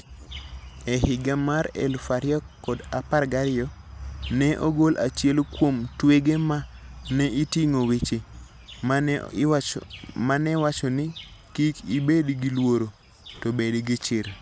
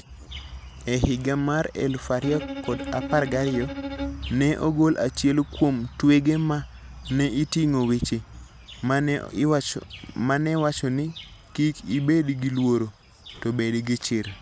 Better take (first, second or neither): first